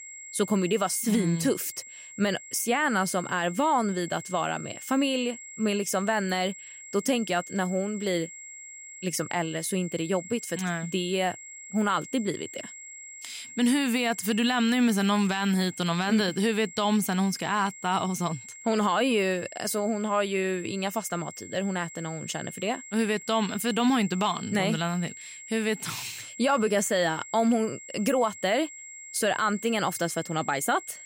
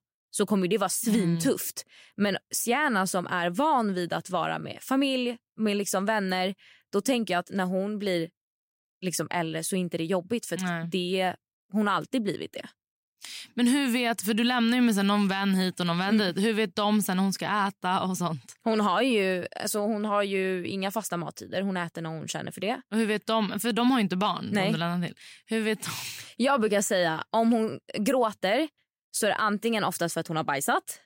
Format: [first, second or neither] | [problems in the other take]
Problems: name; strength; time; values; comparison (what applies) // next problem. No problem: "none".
second | high-pitched whine; noticeable; throughout; 7.5 kHz, 15 dB below the speech